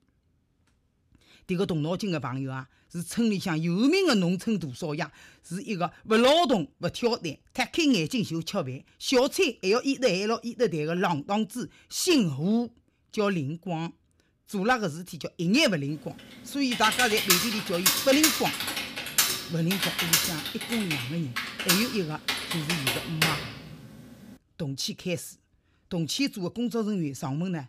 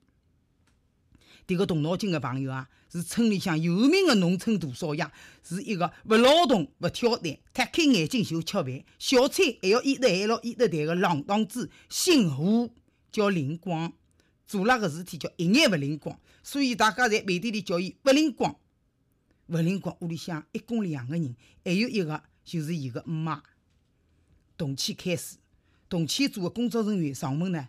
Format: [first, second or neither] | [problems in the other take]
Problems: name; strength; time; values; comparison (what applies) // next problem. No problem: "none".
second | keyboard typing; loud; from 17 to 23 s; peak 5 dB above the speech